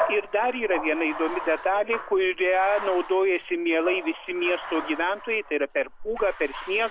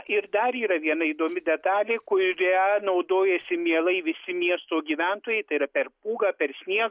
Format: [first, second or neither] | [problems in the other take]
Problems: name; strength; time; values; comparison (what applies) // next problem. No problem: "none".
second | background sound (Bathtub (filling or washing)); 10 dB below the speech